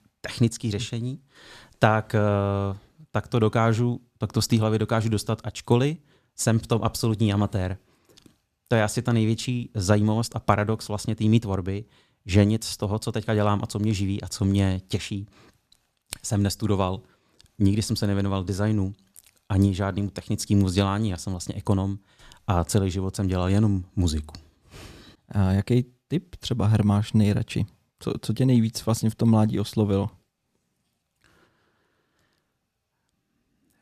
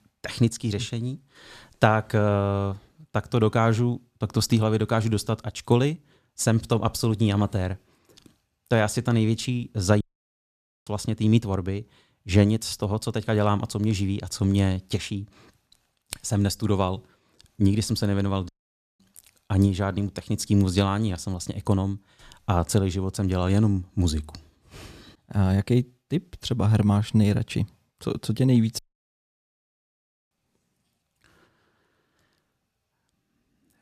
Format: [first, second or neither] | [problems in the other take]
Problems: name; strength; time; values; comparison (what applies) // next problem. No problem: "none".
first | audio cutting out; at 10 s for 1 s, at 18 s for 0.5 s and at 29 s for 1.5 s